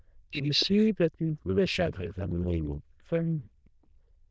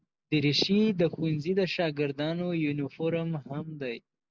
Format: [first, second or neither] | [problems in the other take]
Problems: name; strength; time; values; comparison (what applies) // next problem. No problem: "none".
second | noise reduction (neural diffusion model UNIVERSE++)